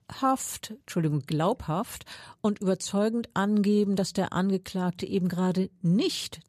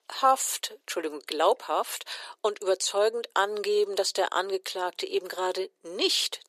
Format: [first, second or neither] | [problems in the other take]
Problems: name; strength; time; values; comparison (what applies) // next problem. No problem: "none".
first | thin; very; fading below 400 Hz